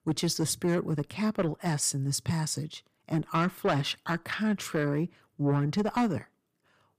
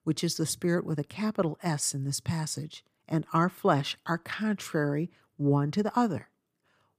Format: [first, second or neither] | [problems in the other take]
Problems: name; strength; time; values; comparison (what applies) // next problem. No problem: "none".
second | distortion; slight; 10 dB below the speech